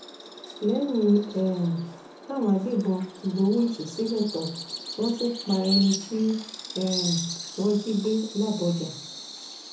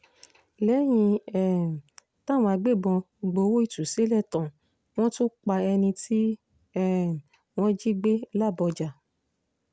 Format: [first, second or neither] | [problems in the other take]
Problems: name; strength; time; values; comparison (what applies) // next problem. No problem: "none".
second | background sound (Bird vocalization, bird call, bird song); 11 dB below the speech // room echo; dies away in 0.7 s